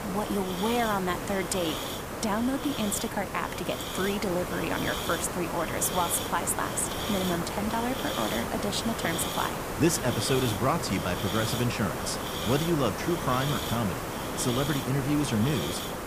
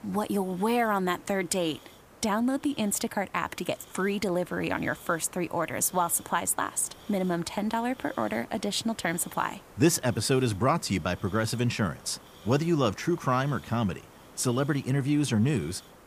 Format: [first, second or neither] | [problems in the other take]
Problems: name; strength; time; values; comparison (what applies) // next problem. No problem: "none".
second | hiss; loud; throughout; 3 dB below the speech; faint in the second